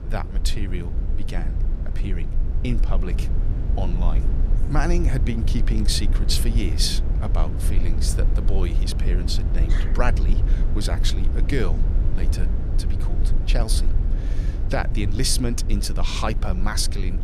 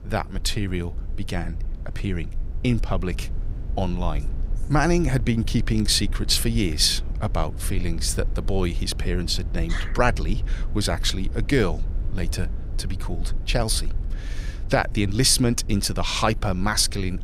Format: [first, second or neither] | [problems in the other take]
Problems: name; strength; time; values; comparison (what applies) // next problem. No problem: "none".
second | low rumble; loud; throughout; 10 dB below the speech; faint in the second